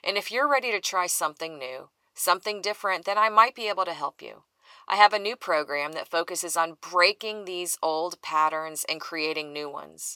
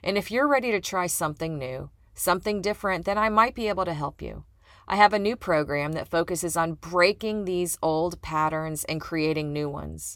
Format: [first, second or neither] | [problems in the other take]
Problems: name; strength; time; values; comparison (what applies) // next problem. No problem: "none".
second | thin; very; fading below 500 Hz